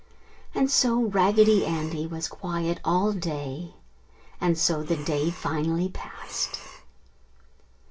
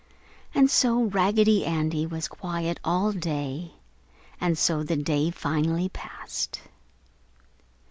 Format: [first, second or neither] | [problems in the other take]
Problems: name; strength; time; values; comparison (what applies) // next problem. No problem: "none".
second | background sound (Breathing); 20 dB below the speech // room echo; dies away in 0.2 s